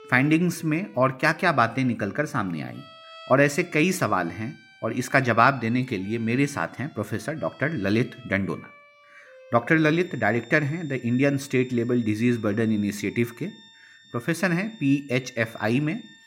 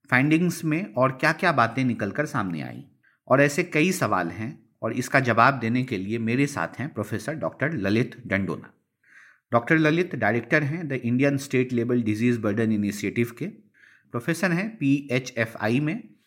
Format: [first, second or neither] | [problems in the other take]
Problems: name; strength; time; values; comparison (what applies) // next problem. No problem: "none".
second | background music; faint; throughout; 25 dB below the speech